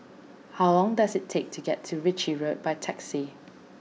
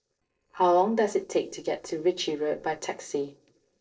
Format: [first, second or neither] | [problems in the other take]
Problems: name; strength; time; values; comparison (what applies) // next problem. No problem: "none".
first | noise reduction (neural separator model SepFormer DNS4)